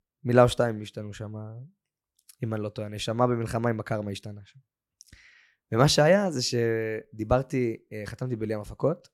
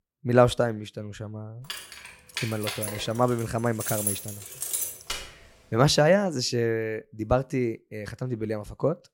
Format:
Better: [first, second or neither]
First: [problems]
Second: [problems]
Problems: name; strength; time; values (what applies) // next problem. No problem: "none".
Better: first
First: none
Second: jangling keys; noticeable; from 1.5 to 5 s; peak 1 dB below the speech